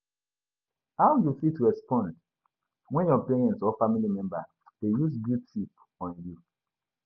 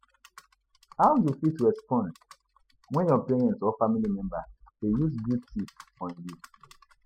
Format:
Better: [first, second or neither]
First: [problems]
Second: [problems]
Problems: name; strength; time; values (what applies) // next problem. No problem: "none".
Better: first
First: none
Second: noise reduction (classical method spectral subtraction)